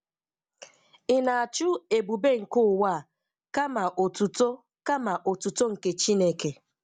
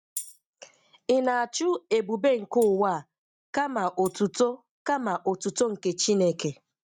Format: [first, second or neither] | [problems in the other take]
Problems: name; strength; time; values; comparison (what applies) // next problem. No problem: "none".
first | noise reduction (neural mask model RNNoise)